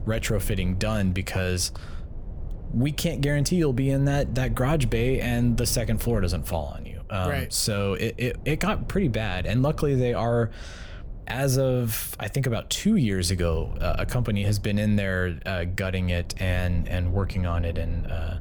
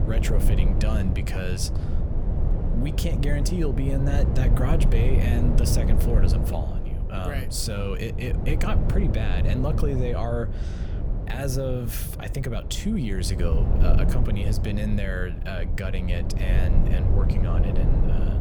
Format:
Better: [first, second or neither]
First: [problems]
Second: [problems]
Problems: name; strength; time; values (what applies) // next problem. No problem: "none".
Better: first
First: low rumble; faint; throughout; 20 dB below the speech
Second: low rumble; loud; throughout; 4 dB below the speech